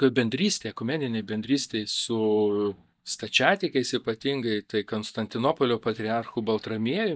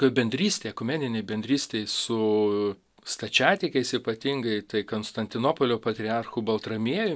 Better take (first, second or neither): second